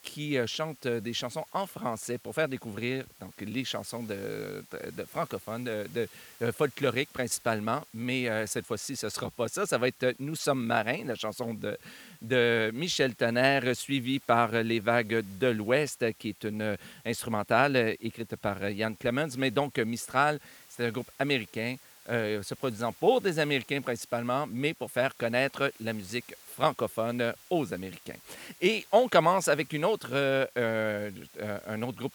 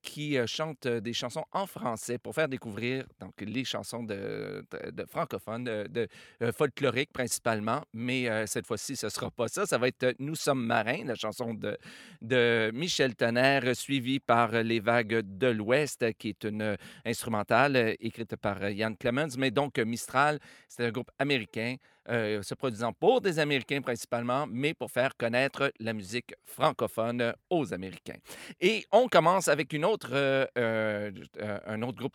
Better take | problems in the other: second | hiss; faint; throughout; 25 dB below the speech

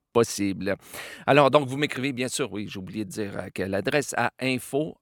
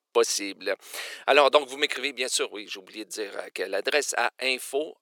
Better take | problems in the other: first | thin; somewhat; fading below 400 Hz

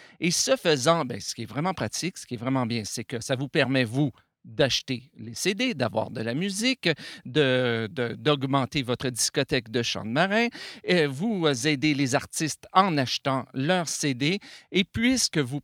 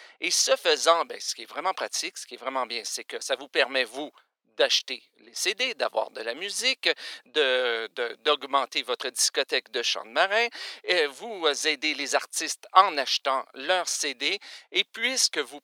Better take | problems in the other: first | thin; very; fading below 450 Hz

